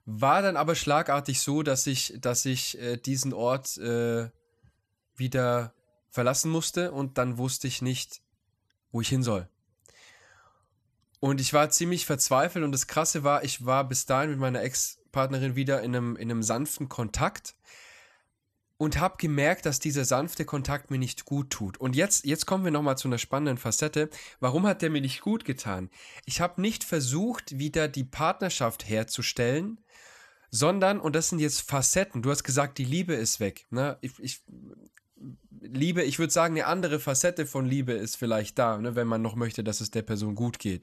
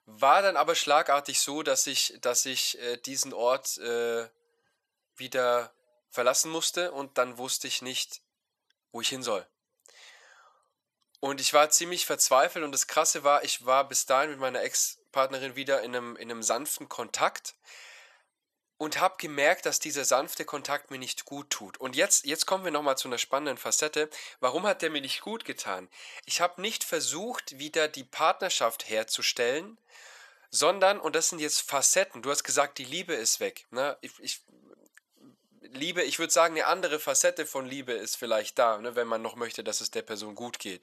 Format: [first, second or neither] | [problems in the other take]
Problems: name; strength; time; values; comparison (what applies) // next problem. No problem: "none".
first | thin; very; fading below 550 Hz